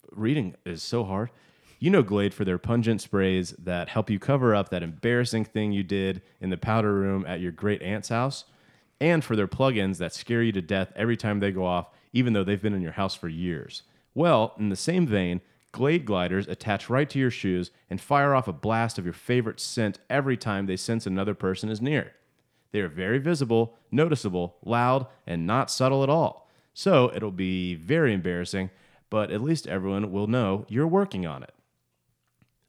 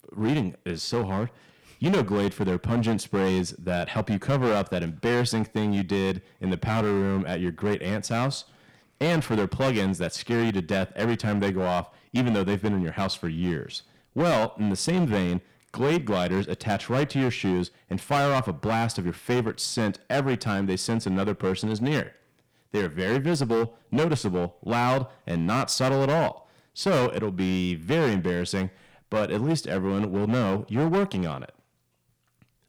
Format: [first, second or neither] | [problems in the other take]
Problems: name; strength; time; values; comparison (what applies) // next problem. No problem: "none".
first | distortion; heavy; 11% of the sound clipped